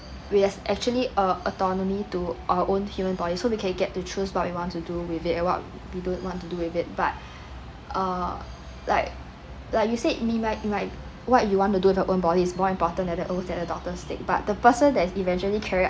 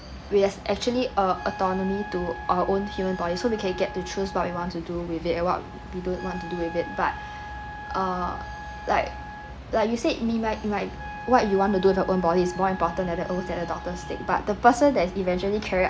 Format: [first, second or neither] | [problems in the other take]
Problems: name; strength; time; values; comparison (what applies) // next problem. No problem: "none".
first | background sound (Wind instrument, woodwind instrument); 15 dB below the speech